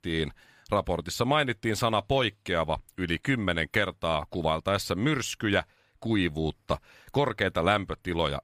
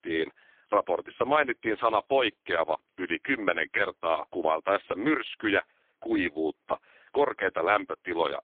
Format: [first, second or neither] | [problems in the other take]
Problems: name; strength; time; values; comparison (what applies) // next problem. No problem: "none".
first | phone-call audio; poor line